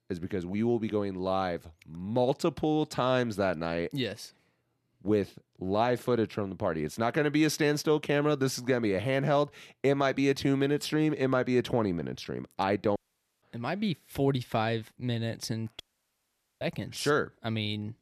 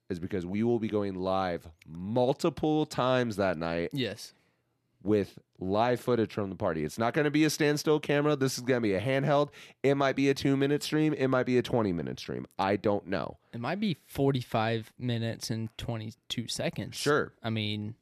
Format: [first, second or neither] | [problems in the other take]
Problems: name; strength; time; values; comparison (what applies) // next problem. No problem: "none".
second | audio cutting out; at 13 s and at 16 s for 1 s